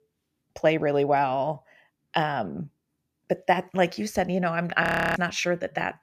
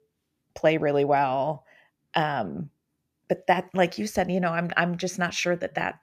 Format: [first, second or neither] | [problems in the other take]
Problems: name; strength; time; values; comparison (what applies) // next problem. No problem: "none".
second | audio freezing; at 5 s